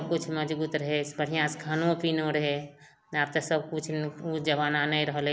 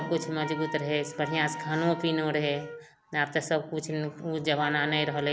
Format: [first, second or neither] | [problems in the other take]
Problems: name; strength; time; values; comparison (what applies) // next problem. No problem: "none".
first | background sound (Wind instrument, woodwind instrument); 12 dB below the speech